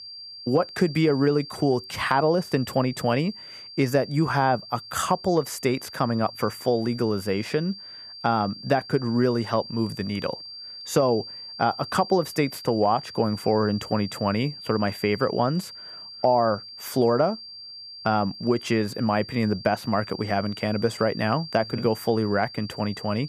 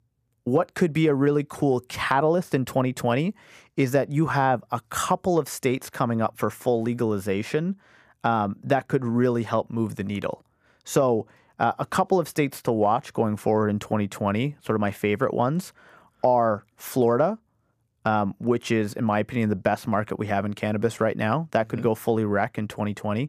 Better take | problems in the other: second | high-pitched whine; noticeable; throughout; 4.5 kHz, 15 dB below the speech

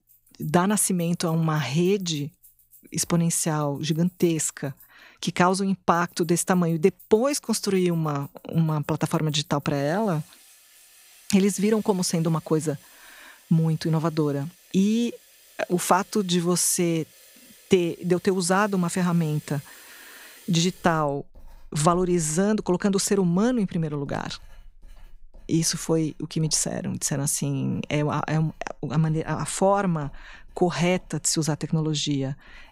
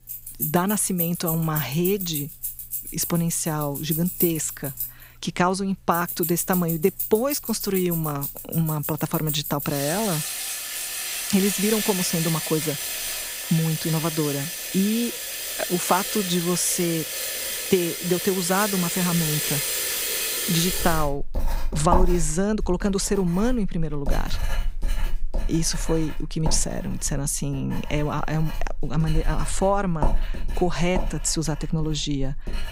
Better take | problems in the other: first | household noises; loud; throughout; 3 dB below the speech; faint in the first

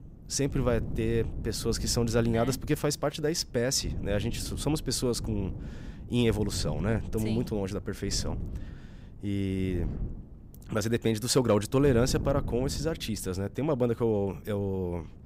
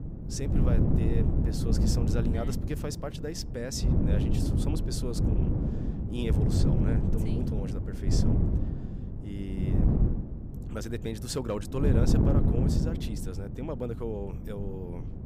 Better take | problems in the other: first | wind noise on the microphone; heavy; 1 dB above the speech; occasional gusts in the first

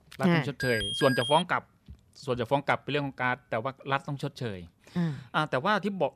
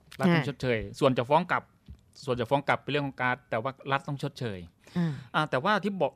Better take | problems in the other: second | alarm; noticeable; at 0.5 s; peak 1 dB below the speech

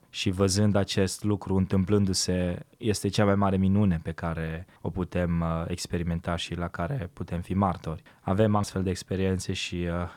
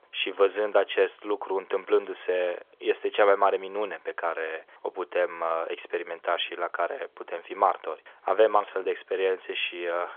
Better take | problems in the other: first | phone-call audio; nothing above 3.5 kHz

